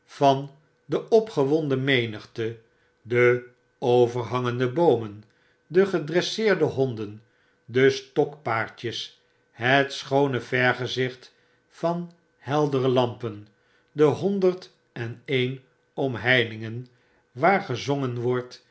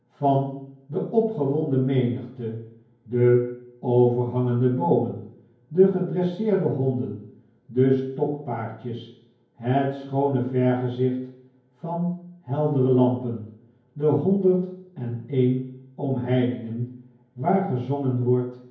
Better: first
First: none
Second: room echo; dies away in 0.9 s

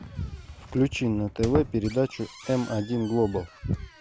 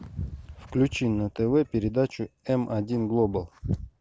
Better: second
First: background sound (Squeak); 12 dB below the speech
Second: none

